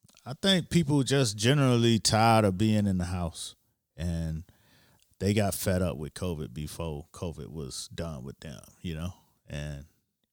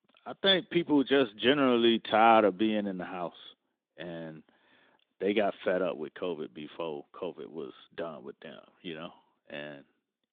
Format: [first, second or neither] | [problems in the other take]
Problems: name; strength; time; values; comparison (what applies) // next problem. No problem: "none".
first | phone-call audio; nothing above 3.5 kHz